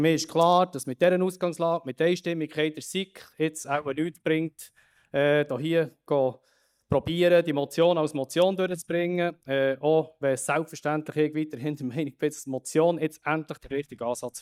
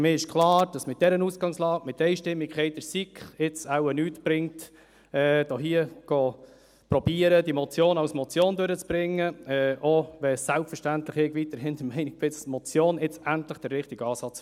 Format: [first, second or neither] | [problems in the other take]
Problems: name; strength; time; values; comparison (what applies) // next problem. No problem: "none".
second | noise reduction (neural mask model DeepFilterNet 3)